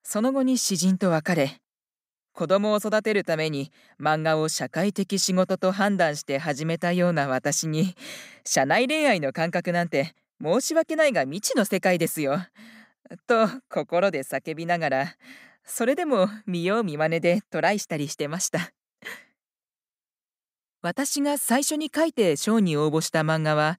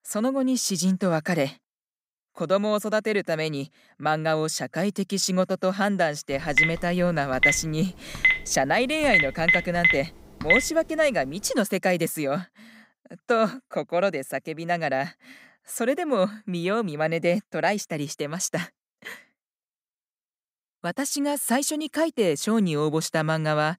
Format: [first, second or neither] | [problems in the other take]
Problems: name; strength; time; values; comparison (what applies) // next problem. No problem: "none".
first | phone ringing; loud; from 6.5 to 11 s; peak 6 dB above the speech